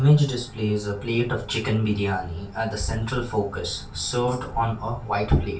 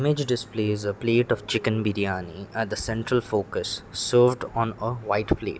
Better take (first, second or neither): second